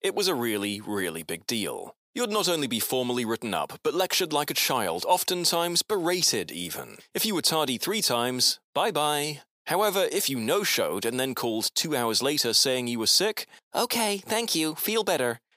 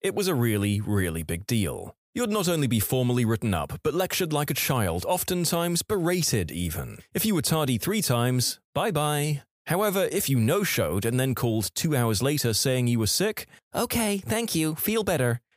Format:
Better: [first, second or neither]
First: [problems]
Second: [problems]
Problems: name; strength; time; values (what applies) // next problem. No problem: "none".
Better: second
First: thin; somewhat; fading below 300 Hz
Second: none